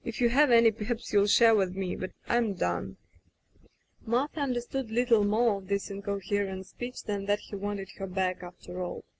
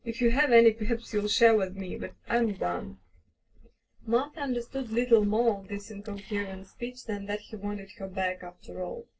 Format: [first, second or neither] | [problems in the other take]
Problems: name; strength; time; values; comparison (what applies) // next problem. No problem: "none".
first | noise reduction (neural separator model SepFormer DNS4)